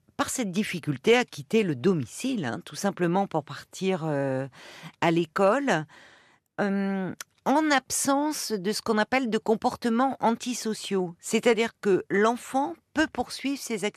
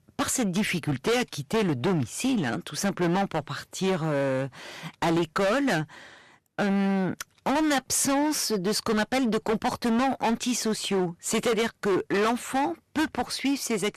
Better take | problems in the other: first | distortion; heavy; 17% of the sound clipped

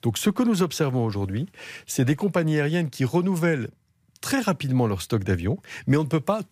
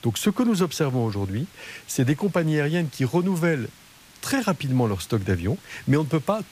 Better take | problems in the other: first | hiss; faint; throughout; 25 dB below the speech

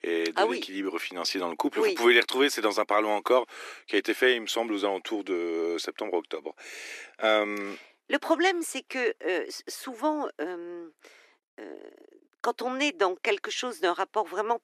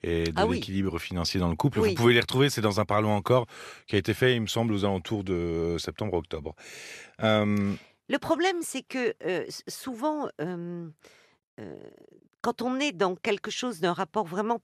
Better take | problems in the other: second | thin; somewhat; fading below 300 Hz

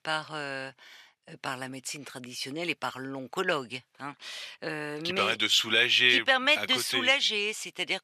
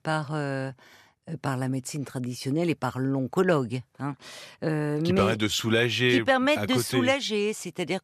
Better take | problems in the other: second | thin; somewhat; fading below 700 Hz

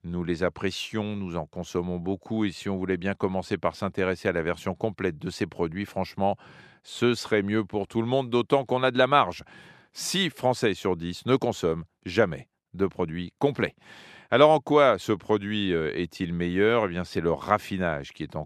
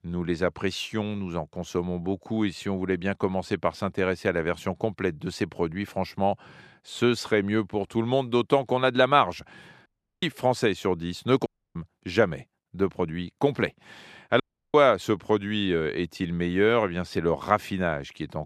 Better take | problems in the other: first | audio cutting out; at 10 s, at 11 s and at 14 s

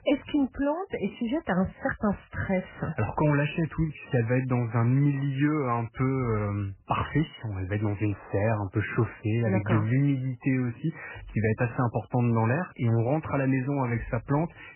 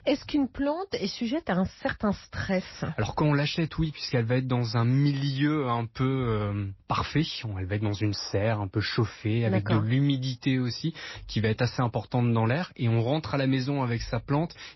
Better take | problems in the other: second | garbled, watery; badly; nothing above 3 kHz; slightly in the second

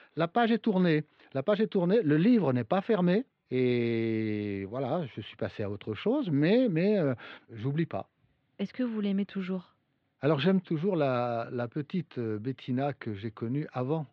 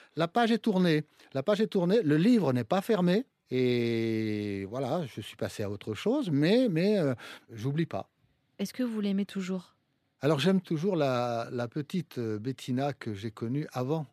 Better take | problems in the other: second | muffled; slightly; fading above 3.5 kHz

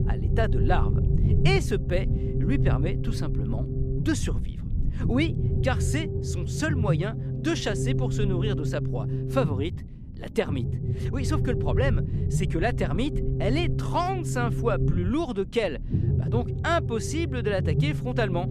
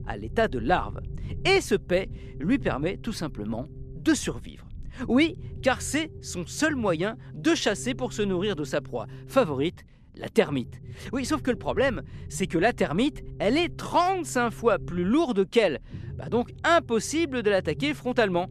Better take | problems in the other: second | low rumble; loud; throughout; 7 dB below the speech; faint in the second

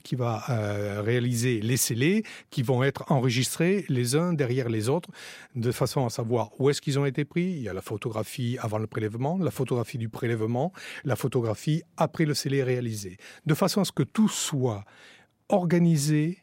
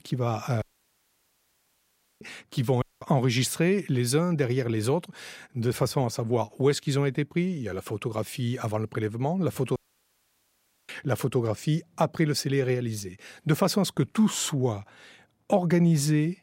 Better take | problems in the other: first | audio cutting out; at 0.5 s for 1.5 s, at 3 s and at 10 s for 1 s

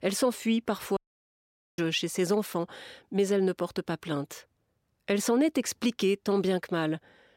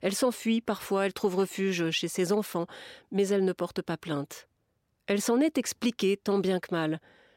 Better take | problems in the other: second | audio cutting out; at 1 s for 1 s

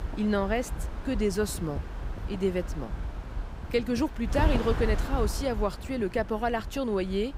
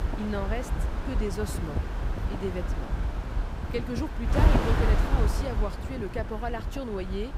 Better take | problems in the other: first | wind noise on the microphone; heavy; 1 dB below the speech; occasional gusts in the first

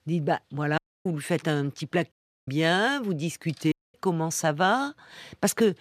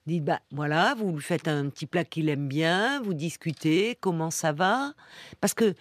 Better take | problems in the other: second | audio cutting out; at 1 s, at 2 s and at 3.5 s

